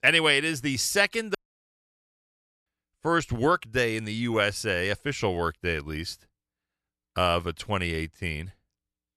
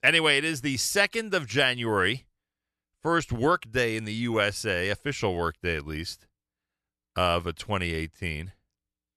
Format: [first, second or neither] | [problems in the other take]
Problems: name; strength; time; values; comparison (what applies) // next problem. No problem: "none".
second | audio cutting out; at 1.5 s for 1.5 s